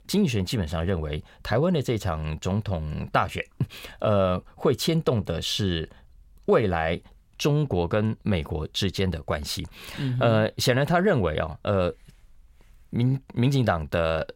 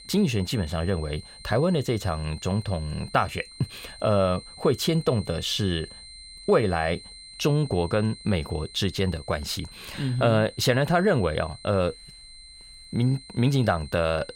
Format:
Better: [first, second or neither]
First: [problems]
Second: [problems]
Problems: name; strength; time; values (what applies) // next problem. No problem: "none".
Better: first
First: none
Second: high-pitched whine; noticeable; throughout; 4 kHz, 20 dB below the speech